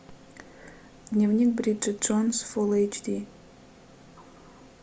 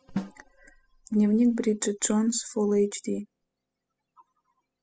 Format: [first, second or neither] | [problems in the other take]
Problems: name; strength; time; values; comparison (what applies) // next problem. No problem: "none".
first | noise reduction (classical method spectral subtraction)